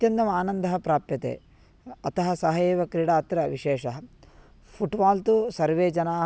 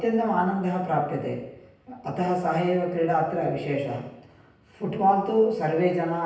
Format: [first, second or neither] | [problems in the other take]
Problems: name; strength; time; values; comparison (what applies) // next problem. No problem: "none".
first | room echo; dies away in 0.9 s